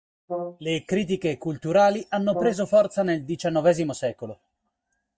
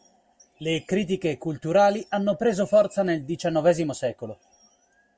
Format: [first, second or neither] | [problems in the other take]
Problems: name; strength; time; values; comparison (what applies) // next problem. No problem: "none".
second | noise reduction (neural mask model DeepFilterNet 3)